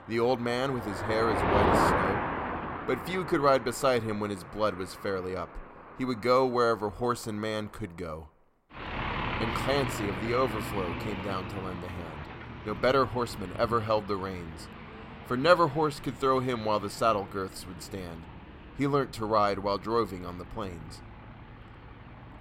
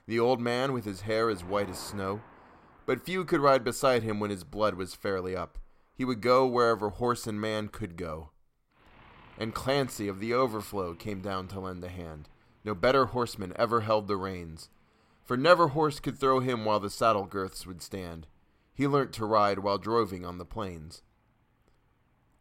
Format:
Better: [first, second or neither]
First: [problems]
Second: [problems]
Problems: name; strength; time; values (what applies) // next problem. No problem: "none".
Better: second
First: traffic noise; loud; throughout; 5 dB below the speech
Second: traffic noise; faint; throughout; 25 dB below the speech